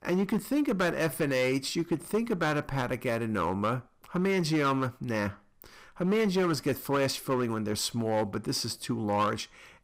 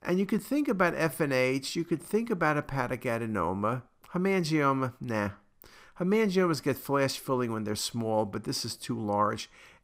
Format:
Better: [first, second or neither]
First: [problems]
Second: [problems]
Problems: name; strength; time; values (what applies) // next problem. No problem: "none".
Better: second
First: distortion; slight; 7% of the sound clipped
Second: none